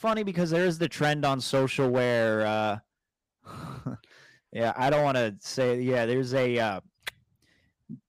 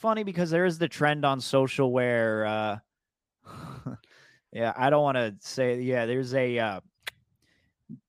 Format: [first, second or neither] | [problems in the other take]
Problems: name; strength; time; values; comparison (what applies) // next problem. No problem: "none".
second | distortion; slight; 8% of the sound clipped